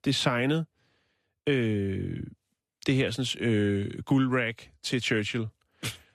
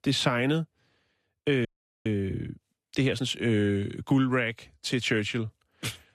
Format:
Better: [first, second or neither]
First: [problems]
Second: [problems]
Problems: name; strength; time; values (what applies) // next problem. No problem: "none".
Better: first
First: none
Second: audio freezing; at 1.5 s